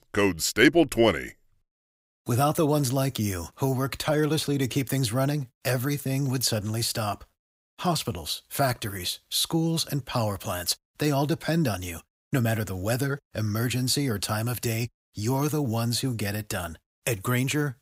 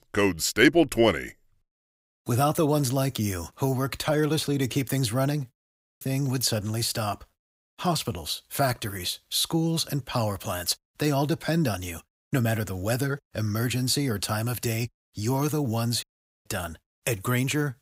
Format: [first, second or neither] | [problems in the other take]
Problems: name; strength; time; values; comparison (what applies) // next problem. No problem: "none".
first | audio cutting out; at 5.5 s and at 16 s